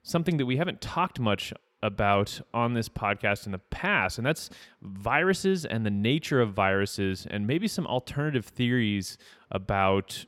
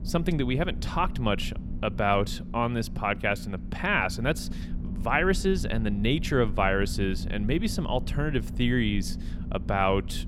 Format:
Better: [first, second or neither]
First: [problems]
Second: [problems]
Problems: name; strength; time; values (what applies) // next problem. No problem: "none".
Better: first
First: none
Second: low rumble; noticeable; throughout; 20 dB below the speech